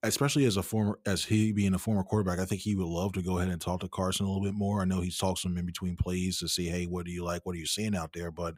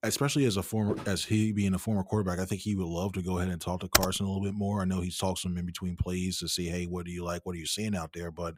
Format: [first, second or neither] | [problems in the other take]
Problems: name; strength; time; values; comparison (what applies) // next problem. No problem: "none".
first | footsteps; noticeable; at 1 s; peak 7 dB below the speech // keyboard typing; loud; at 4 s; peak 5 dB above the speech